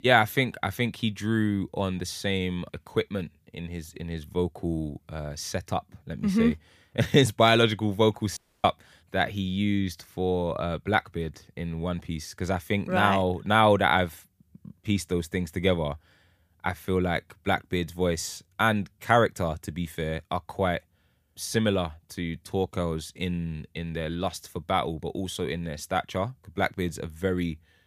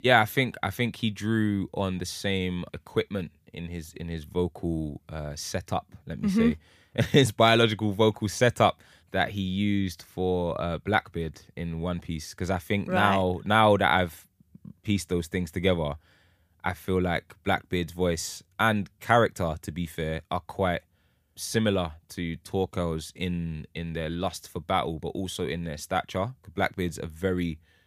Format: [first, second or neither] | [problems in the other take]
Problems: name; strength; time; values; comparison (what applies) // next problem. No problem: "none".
second | audio cutting out; at 8.5 s